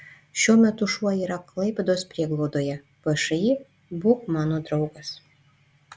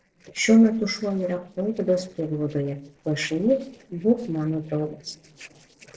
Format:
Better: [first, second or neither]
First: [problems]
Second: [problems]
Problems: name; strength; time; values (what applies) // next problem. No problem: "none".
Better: first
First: none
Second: noise reduction (neural separator model SepFormer DNS4)